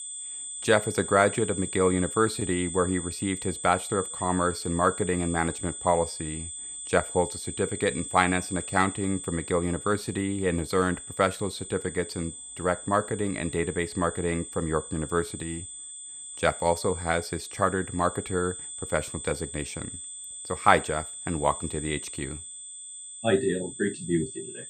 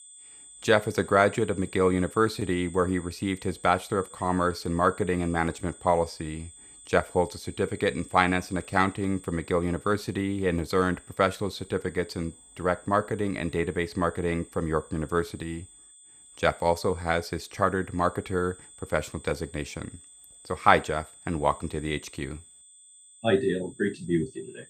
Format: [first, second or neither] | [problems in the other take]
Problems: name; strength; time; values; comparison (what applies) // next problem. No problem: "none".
second | high-pitched whine; loud; throughout; 8 kHz, 8 dB below the speech; faint in the second